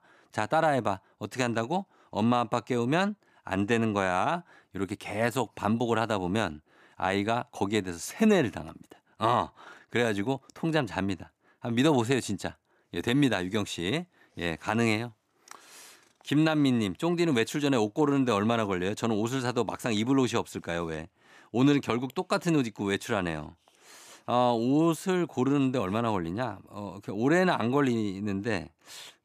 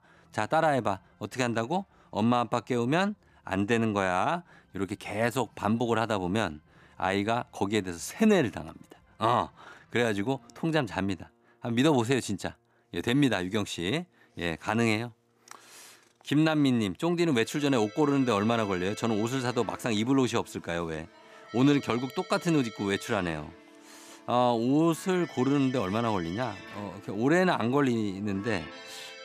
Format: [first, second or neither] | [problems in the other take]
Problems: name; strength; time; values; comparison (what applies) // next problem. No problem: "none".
first | background music; noticeable; throughout; 20 dB below the speech